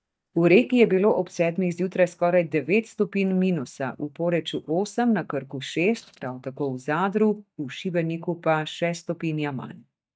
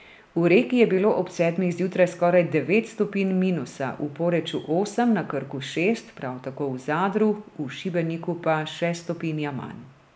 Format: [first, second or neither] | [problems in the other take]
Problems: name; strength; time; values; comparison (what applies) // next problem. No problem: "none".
second | noise reduction (neural mask model DeepFilterNet 3)